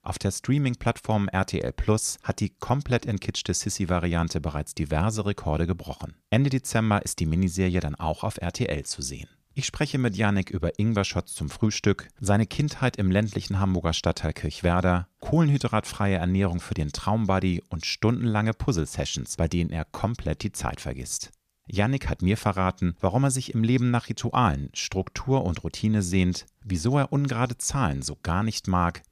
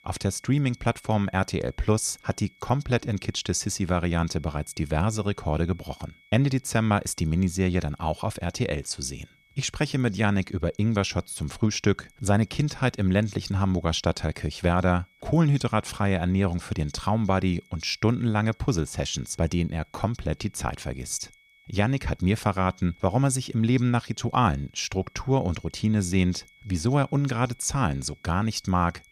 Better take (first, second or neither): first